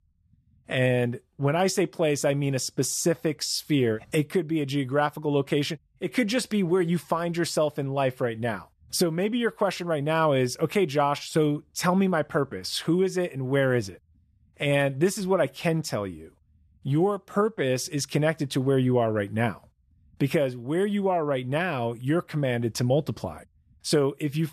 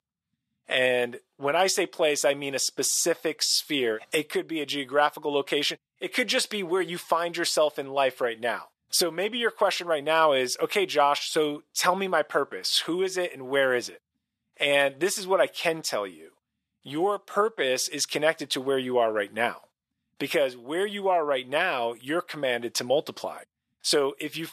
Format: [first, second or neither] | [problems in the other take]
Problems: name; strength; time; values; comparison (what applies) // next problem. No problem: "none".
first | thin; somewhat; fading below 500 Hz